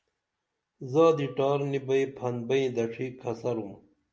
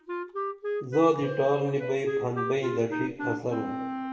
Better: first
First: none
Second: background sound (Wind instrument, woodwind instrument); 5 dB below the speech // room echo; dies away in 1.1 s

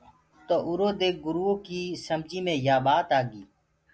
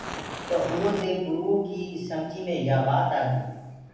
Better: first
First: none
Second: background sound (Fire); 14 dB below the speech // room echo; dies away in 1.1 s

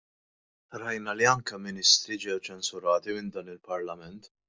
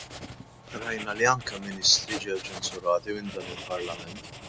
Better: first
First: none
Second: background sound (Writing); 11 dB below the speech

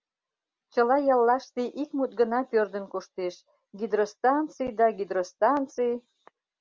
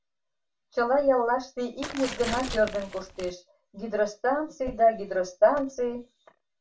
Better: first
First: none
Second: background sound (Tearing); 9 dB below the speech // room echo; dies away in 0.2 s

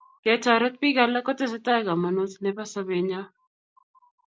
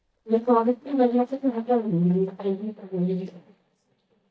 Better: first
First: none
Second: noise reduction (neural mask model DeepFilterNet 3)

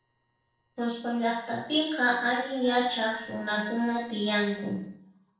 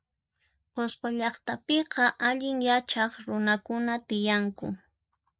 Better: second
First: noise reduction (neural separator model SepFormer DNS4)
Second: none

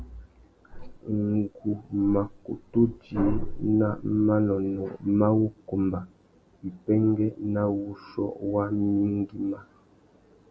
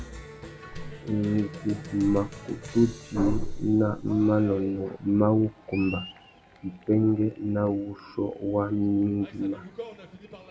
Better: first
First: none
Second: background sound (Cheering); 17 dB below the speech

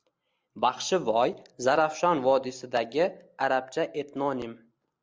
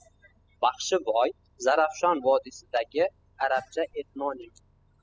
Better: first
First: none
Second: noise reduction (classical method spectral subtraction)

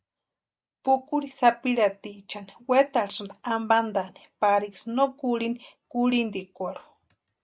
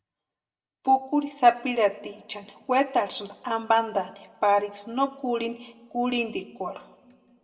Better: first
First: none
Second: room echo; dies away in 1.2 s

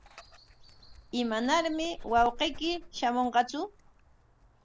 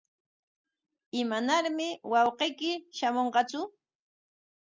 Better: second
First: background sound (Dog); 16 dB below the speech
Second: none

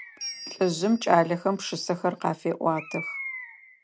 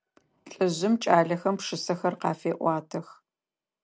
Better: second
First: background sound (Bird + Bell); 14 dB below the speech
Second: none

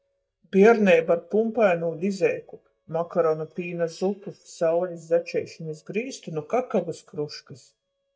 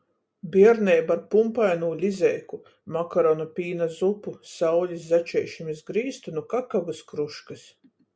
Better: second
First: noise reduction (neural mask model DeepFilterNet 3)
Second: none

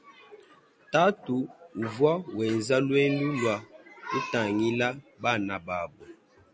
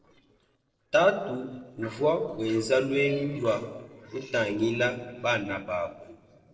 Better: first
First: none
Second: noise reduction (neural separator model SepFormer DNS4)

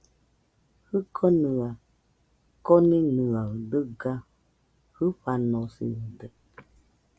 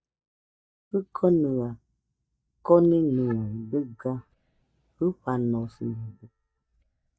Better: first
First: none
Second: noise reduction (neural mask model DeepFilterNet 3)

